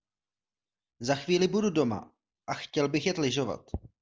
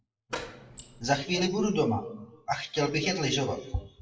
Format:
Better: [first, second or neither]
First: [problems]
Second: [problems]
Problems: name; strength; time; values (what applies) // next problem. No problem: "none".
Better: first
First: none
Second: noise reduction (classical method WPE with log-MMSE)